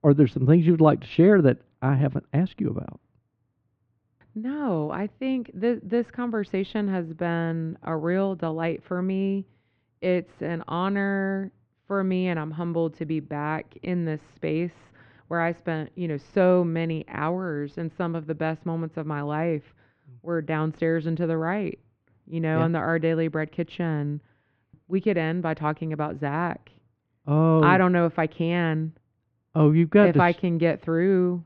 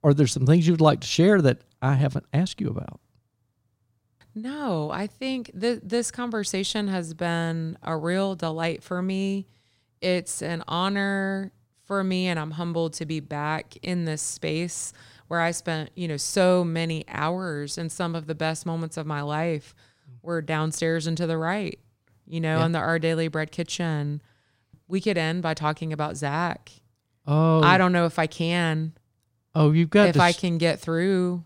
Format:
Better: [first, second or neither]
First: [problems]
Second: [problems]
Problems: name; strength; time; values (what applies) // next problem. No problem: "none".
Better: second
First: muffled; very; fading above 2.5 kHz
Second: none